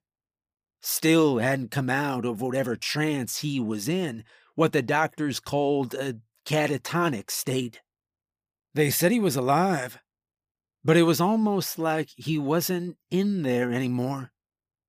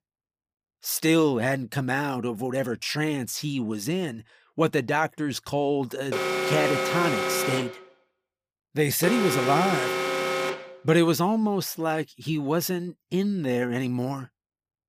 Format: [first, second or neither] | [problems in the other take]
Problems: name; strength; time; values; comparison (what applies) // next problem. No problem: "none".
first | alarm; loud; from 6 to 11 s; peak 1 dB above the speech